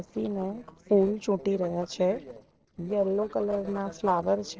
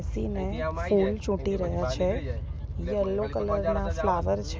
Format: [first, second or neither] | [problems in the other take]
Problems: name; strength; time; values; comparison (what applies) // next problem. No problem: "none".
second | noise reduction (neural separator model SepFormer DNS4)